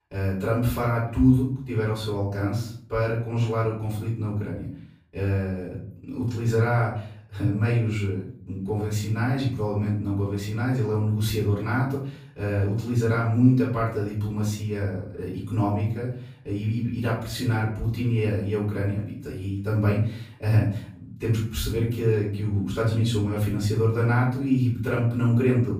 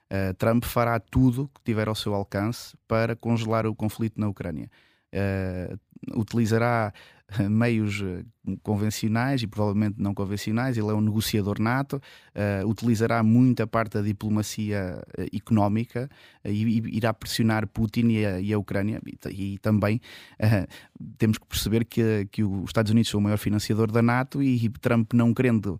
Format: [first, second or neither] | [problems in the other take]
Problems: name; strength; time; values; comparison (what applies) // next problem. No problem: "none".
second | room echo; noticeable; dies away in 0.5 s // off-mic speech; far